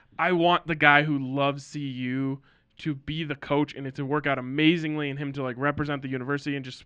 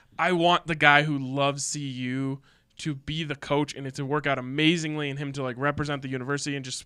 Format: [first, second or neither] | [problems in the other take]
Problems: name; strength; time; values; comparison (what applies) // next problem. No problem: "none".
second | muffled; slightly; fading above 2.5 kHz